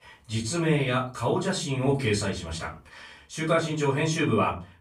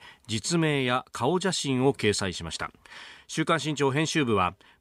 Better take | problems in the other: second | off-mic speech; far // room echo; slight; dies away in 0.3 s

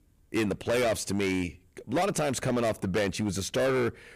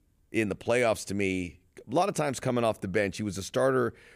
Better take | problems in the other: second | distortion; heavy; 16% of the sound clipped

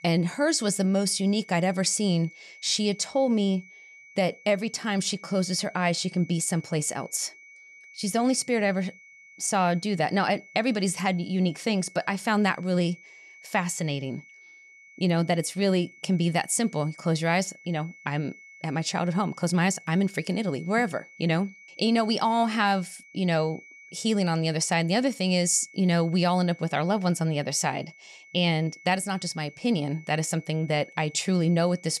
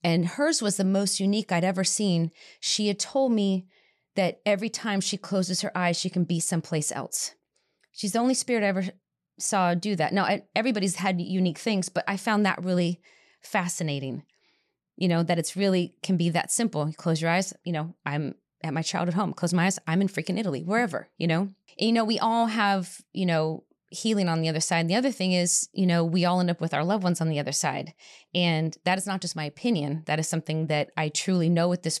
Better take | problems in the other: second | high-pitched whine; faint; throughout; 2 kHz, 20 dB below the speech

